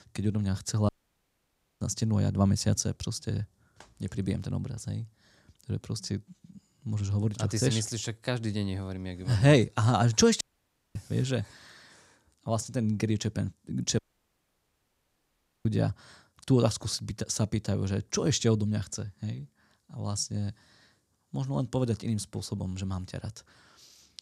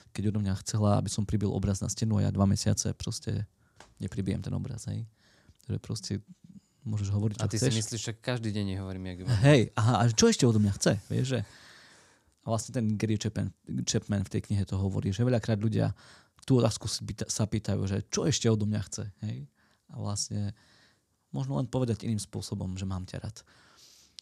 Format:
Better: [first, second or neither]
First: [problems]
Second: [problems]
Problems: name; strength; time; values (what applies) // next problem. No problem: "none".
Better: second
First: audio cutting out; at 1 s for 1 s, at 10 s for 0.5 s and at 14 s for 1.5 s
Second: none